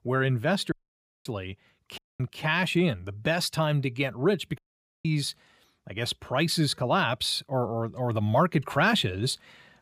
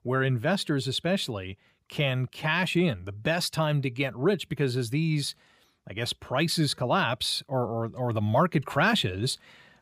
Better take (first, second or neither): second